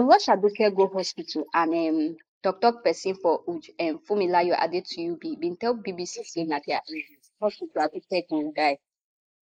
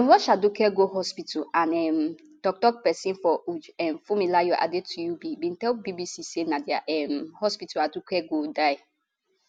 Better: second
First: noise reduction (neural mask model Resemble Enhance denoiser)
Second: none

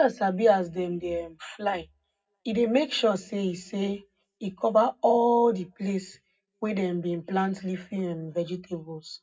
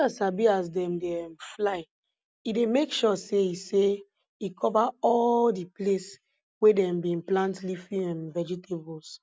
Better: second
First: room echo; dies away in 0.3 s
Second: none

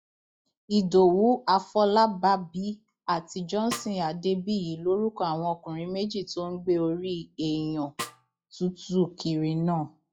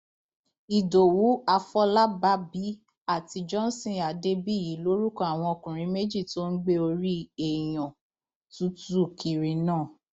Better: second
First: noise reduction (classical method log-MMSE)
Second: none

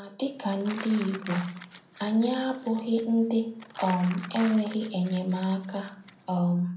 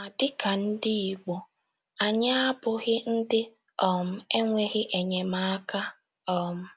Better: second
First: background sound (Crumpling, crinkling); 17 dB below the speech // room echo; dies away in 0.6 s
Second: none

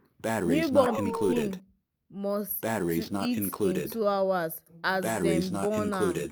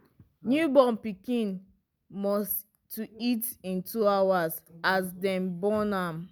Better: second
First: background sound (Dog + Breathing); 1 dB below the speech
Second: none

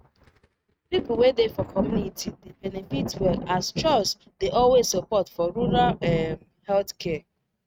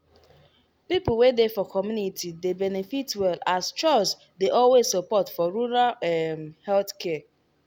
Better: second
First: noise reduction (neural mask model RNNoise)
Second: none

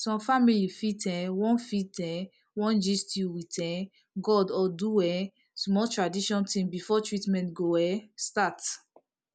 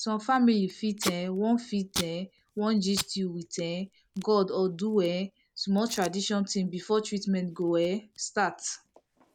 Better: first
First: none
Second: background sound (Packing tape, duct tape); 15 dB below the speech

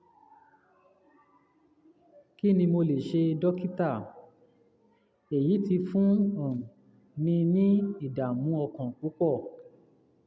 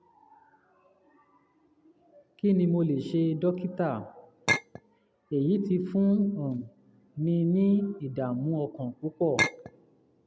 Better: first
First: none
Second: background sound (Chink, clink); 1 dB below the speech

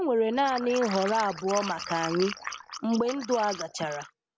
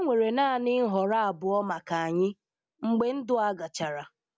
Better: second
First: background sound (Liquid); 11 dB below the speech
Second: none

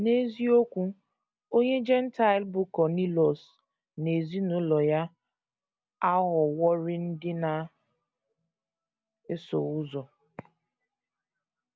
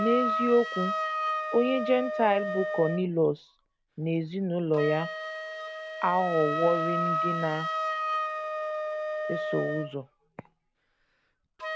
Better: first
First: none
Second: background sound (Wind instrument, woodwind instrument); 3 dB below the speech

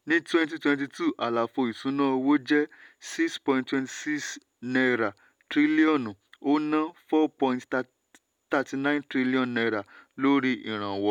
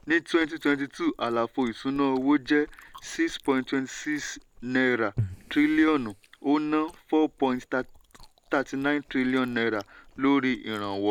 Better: first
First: none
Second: background sound (Chewing, mastication); 18 dB below the speech

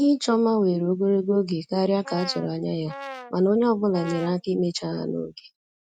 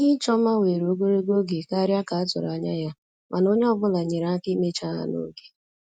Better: second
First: background sound (Brass instrument); 15 dB below the speech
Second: none

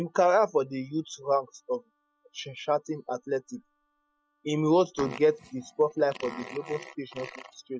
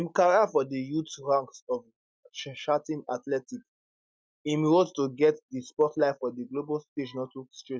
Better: second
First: noise reduction (classical method spectral subtraction)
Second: none

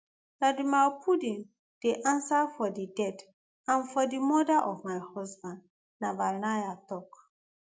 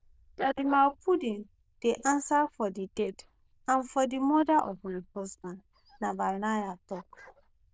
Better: first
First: none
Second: noise reduction (neural diffusion model UNIVERSE++)

